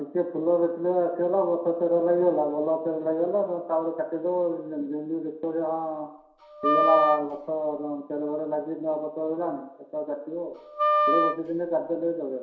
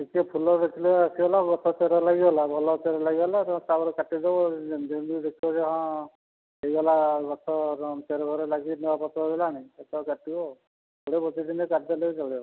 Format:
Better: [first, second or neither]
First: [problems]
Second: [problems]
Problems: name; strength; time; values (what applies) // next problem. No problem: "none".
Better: second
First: background sound (Wind instrument, woodwind instrument); 1 dB above the speech // room echo; dies away in 0.7 s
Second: none